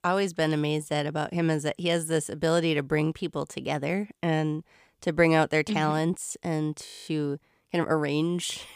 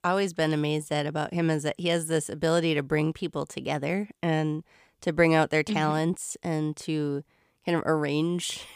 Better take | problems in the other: second | audio freezing; at 7 s

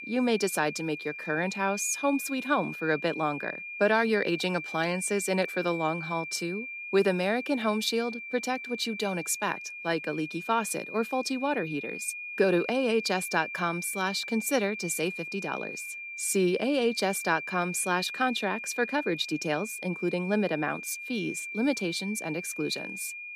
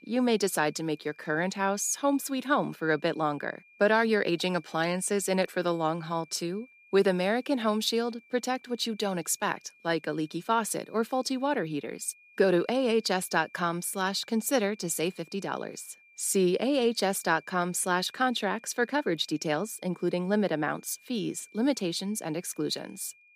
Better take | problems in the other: second | high-pitched whine; loud; throughout; 2.5 kHz, 8 dB below the speech; faint in the second

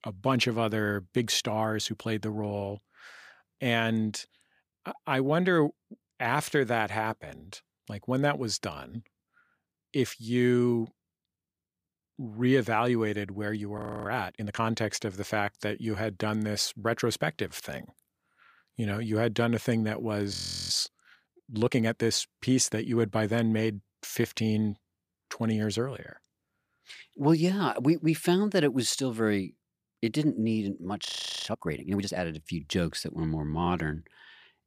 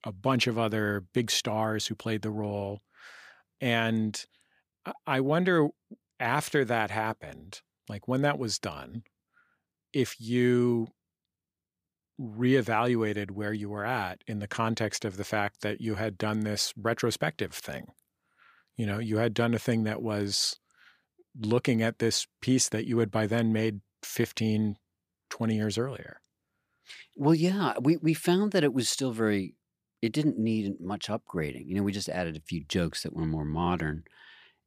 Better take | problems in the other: second | audio freezing; at 14 s, at 20 s and at 31 s

